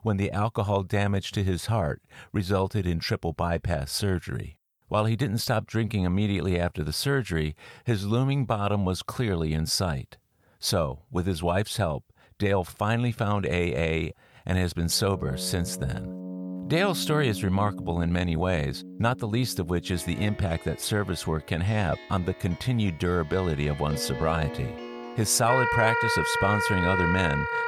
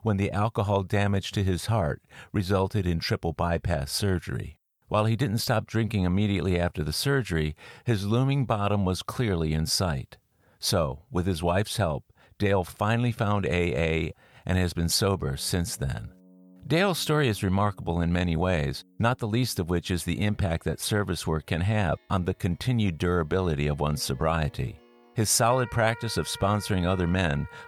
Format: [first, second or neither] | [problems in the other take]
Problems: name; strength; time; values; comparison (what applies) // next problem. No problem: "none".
second | background music; loud; from 15 s on; 4 dB below the speech; faint in the second